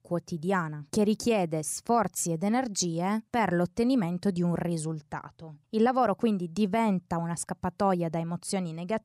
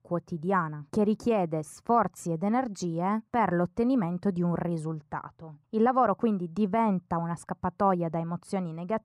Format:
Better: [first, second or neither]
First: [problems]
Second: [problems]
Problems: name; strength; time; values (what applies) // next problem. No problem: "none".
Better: first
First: none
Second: muffled; slightly; fading above 2.5 kHz